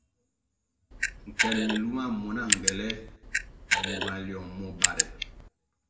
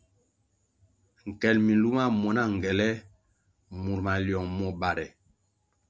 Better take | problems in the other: second | background sound (Camera); 5 dB above the speech // room echo; dies away in 0.7 s

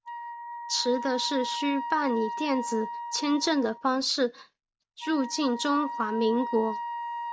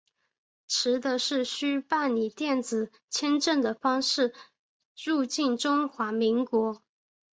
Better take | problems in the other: second | background sound (Wind instrument, woodwind instrument); 7 dB below the speech

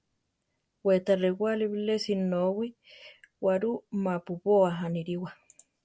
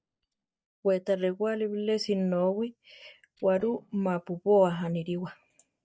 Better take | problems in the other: first | noise reduction (neural mask model DeepFilterNet 3)

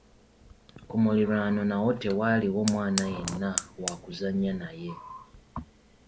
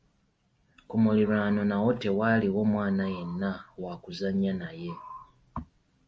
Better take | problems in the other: second | background sound (Fire); 12 dB below the speech

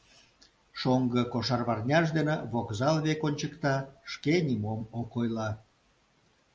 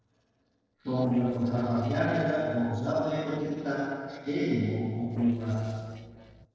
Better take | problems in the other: first | noise reduction (neural separator model SepFormer DNS4)

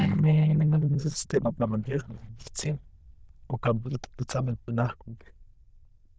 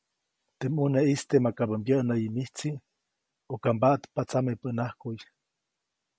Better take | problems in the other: second | noise reduction (neural diffusion model UNIVERSE++)

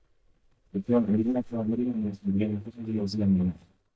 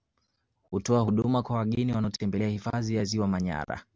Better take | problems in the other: second | noise reduction (neural mask model DeepFilterNet 3)

